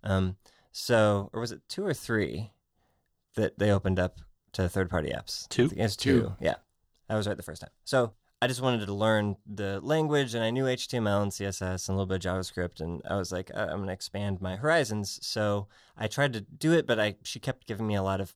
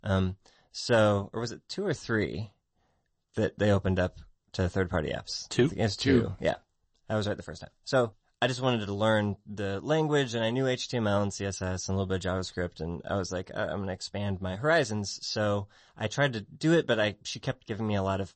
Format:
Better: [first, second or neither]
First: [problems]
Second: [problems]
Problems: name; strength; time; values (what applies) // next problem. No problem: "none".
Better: first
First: none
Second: garbled, watery; slightly; nothing above 8 kHz